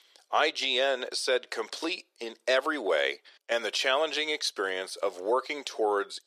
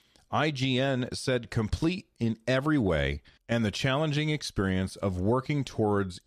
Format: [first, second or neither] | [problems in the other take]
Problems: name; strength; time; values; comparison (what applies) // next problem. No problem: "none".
second | thin; very; fading below 400 Hz